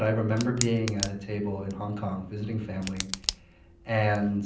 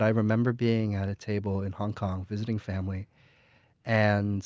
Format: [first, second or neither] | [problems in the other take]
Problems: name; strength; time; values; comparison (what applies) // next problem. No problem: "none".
second | background sound (Tick); 10 dB below the speech // room echo; dies away in 0.6 s